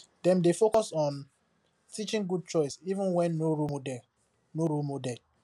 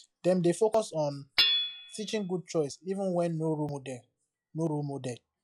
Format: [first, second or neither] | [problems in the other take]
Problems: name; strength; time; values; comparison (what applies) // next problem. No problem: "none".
first | noise reduction (classical method log-MMSE)